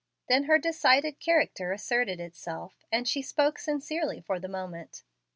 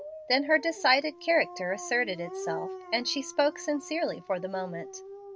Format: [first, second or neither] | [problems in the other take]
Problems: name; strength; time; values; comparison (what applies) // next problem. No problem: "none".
first | background sound (Dog); 13 dB below the speech